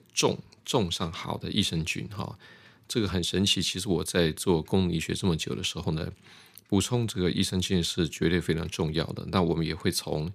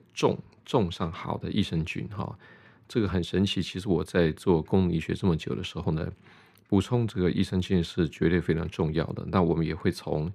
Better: first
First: none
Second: muffled; slightly; fading above 3 kHz

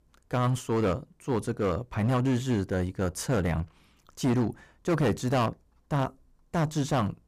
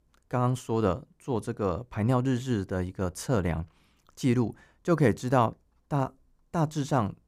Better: second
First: distortion; heavy; 9% of the sound clipped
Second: none

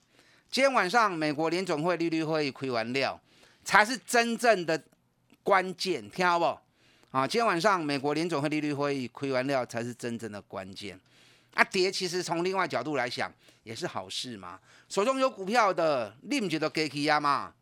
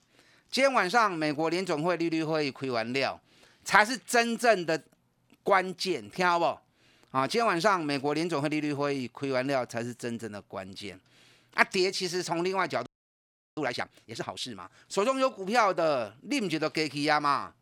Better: first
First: none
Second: audio freezing; at 13 s for 0.5 s

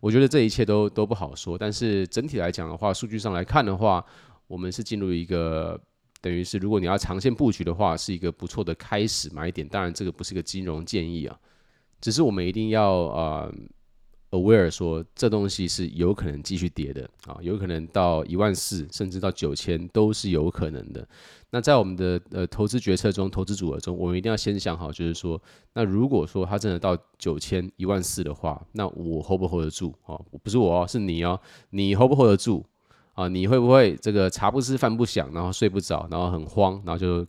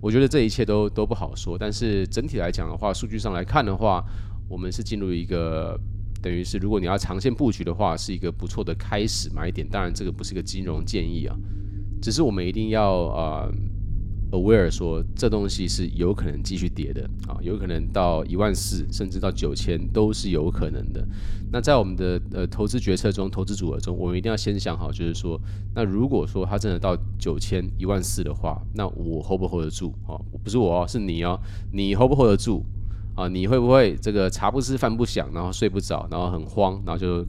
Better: first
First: none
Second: low rumble; faint; throughout; 20 dB below the speech

